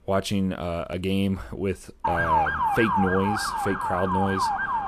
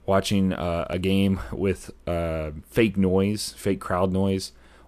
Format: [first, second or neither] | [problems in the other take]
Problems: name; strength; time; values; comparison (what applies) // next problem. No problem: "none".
second | siren; loud; from 2 s on; peak 5 dB above the speech